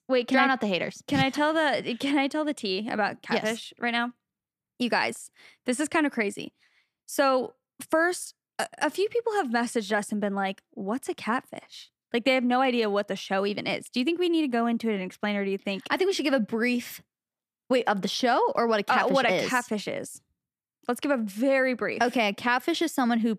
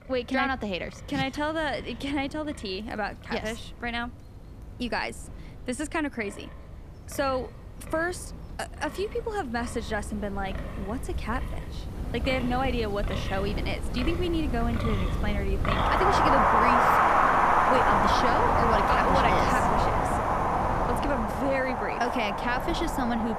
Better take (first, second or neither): first